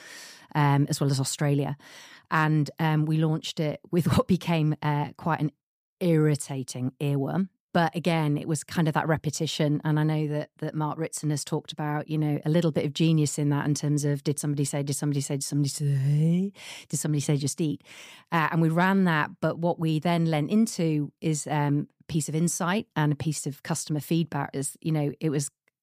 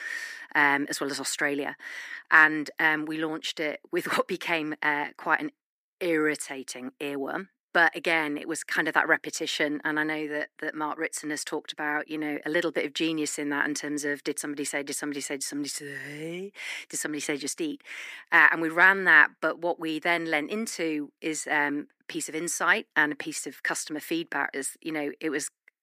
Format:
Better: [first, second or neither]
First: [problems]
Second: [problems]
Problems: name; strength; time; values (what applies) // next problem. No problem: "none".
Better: first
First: none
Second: thin; very; fading below 300 Hz